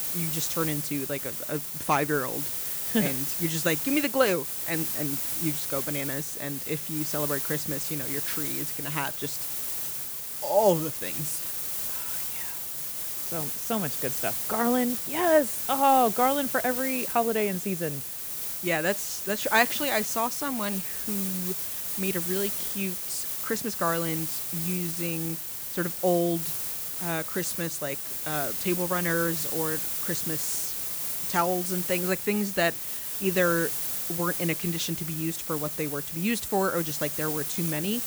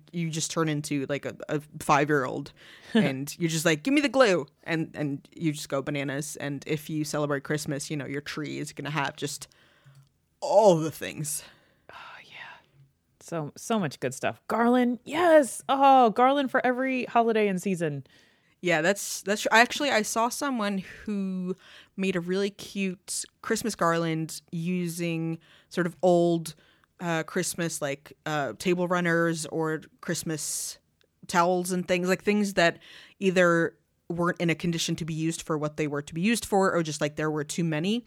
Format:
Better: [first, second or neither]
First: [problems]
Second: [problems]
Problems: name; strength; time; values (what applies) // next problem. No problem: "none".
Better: second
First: hiss; loud; throughout; as loud as the speech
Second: none